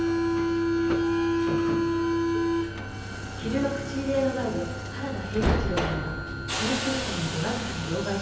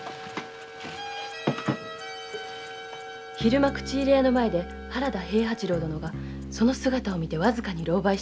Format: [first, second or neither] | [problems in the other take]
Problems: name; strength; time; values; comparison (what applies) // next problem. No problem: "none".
second | background sound (Subway, metro, underground); 4 dB above the speech // room echo; dies away in 0.9 s